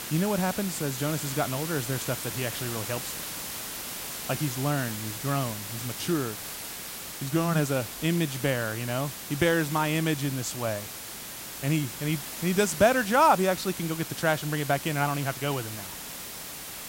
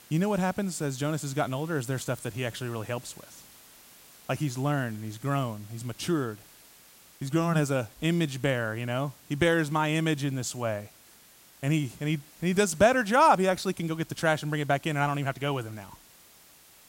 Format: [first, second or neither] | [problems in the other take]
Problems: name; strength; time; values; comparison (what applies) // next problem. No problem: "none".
second | hiss; loud; throughout; 7 dB below the speech; faint in the second